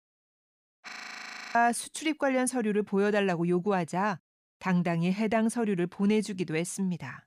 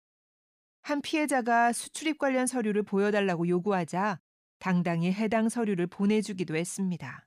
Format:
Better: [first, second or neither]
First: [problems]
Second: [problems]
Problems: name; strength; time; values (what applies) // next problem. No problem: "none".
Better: second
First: audio freezing; at 1 s for 0.5 s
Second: none